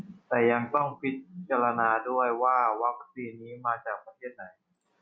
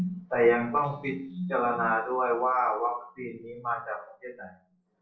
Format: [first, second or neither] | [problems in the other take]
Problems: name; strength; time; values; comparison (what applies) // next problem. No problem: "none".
first | noise reduction (neural separator model SepFormer DNS4)